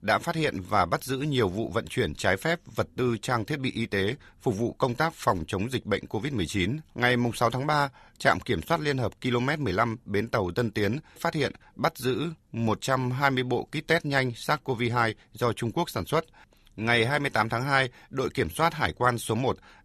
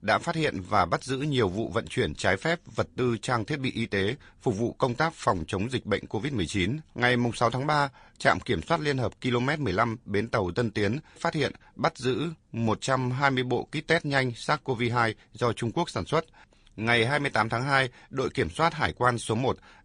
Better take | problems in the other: first | garbled, watery; slightly; nothing above 9 kHz

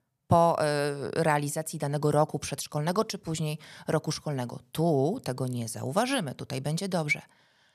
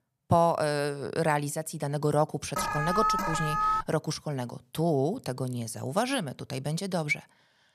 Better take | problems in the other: first | alarm; loud; from 2.5 to 4 s; peak 3 dB above the speech

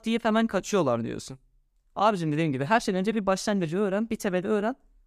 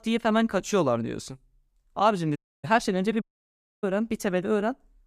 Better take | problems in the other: first | audio cutting out; at 2.5 s and at 3 s for 0.5 s

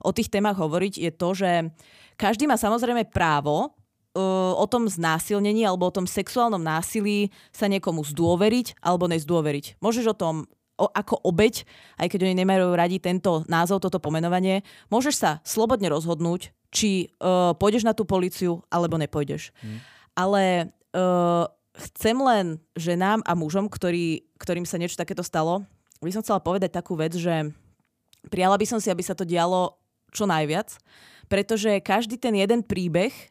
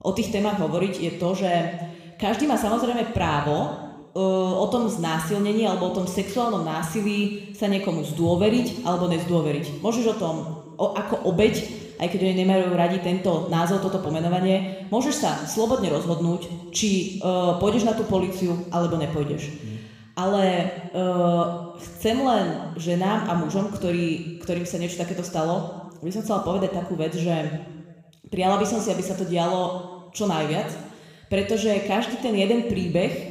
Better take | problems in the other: first | room echo; noticeable; dies away in 1.1 s

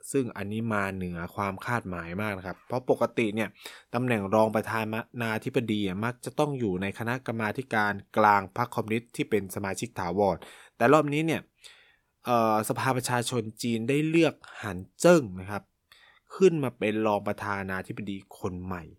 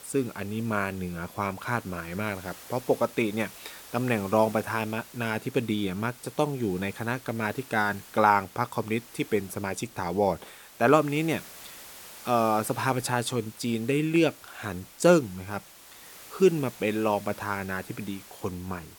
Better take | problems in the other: first | hiss; noticeable; throughout; 20 dB below the speech

